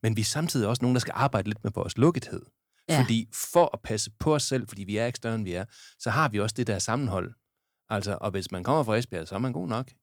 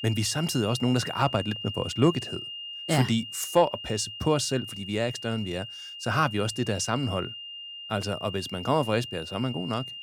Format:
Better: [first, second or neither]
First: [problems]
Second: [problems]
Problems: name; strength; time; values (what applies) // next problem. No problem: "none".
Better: first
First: none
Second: high-pitched whine; loud; throughout; 3 kHz, 9 dB below the speech